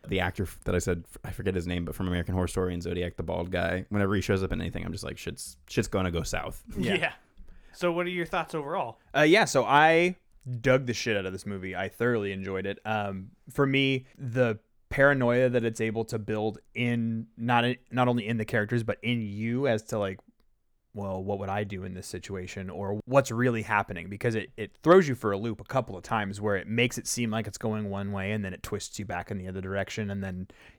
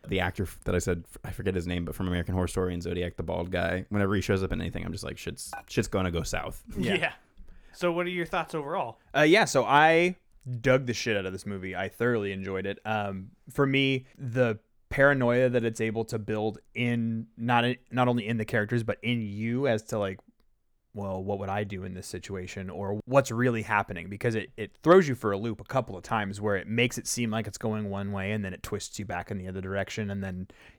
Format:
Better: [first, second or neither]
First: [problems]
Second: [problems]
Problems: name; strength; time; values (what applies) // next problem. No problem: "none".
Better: first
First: none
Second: clattering dishes; faint; at 5.5 s; peak 15 dB below the speech